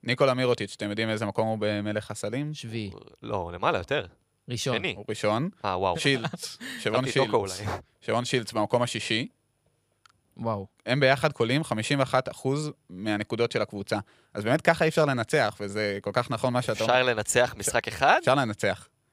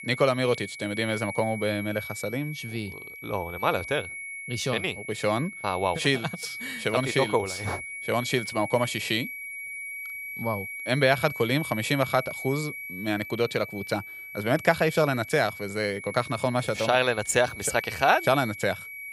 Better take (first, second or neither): first